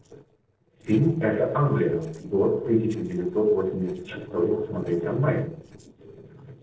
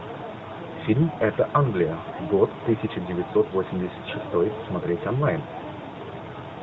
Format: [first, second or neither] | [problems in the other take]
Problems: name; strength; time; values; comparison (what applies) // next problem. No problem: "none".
second | noise reduction (neural separator model SepFormer DNS4)